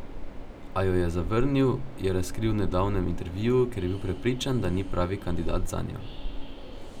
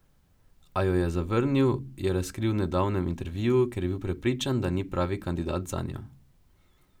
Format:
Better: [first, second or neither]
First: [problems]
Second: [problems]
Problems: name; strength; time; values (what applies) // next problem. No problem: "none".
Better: second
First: background sound (Train); 4 dB below the speech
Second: none